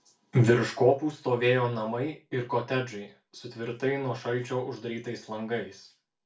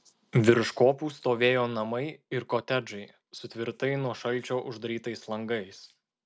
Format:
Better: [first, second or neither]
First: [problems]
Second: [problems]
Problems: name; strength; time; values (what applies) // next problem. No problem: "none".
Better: second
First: room echo; dies away in 0.2 s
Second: none